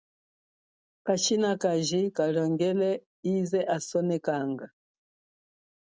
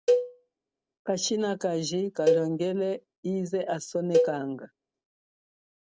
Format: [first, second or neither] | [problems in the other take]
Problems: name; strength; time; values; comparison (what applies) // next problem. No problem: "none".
first | background sound (Cowbell); as loud as the speech